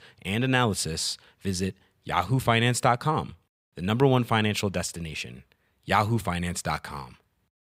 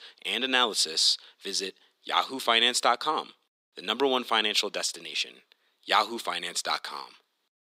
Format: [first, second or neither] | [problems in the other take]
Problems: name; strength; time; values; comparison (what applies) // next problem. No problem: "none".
first | thin; somewhat; fading below 250 Hz